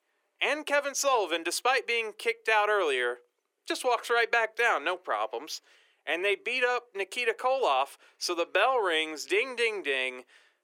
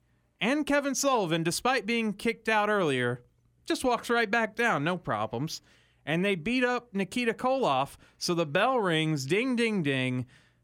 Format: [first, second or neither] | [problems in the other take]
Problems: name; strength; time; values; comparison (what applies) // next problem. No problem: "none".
second | thin; very; fading below 400 Hz